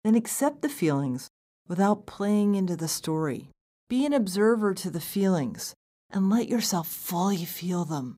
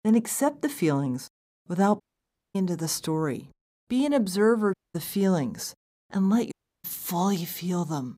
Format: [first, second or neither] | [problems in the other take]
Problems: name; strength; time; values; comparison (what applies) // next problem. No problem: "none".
first | audio cutting out; at 2 s for 0.5 s, at 4.5 s and at 6.5 s